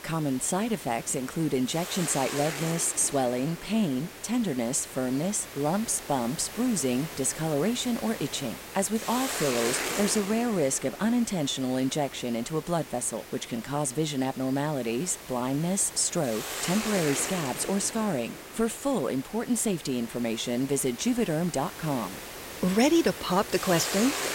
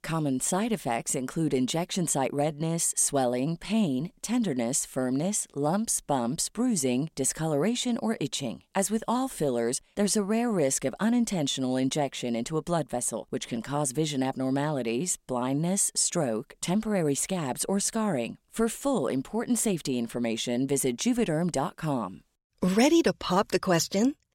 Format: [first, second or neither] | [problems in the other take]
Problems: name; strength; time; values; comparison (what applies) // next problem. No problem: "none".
second | hiss; loud; throughout; 9 dB below the speech